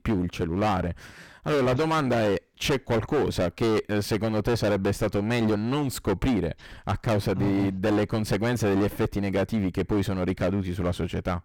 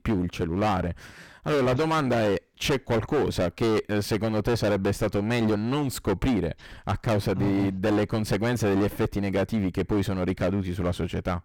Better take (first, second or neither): neither